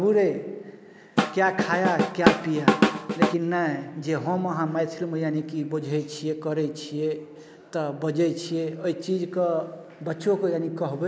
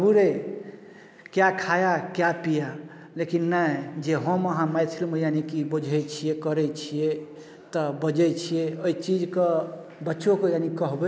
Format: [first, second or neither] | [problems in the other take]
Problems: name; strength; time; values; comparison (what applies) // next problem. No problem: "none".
second | background sound (Drum / Drum kit); 3 dB above the speech